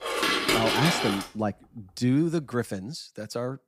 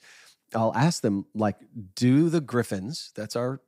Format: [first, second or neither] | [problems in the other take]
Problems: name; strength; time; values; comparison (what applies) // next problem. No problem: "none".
second | clattering dishes; loud; until 1 s; peak 6 dB above the speech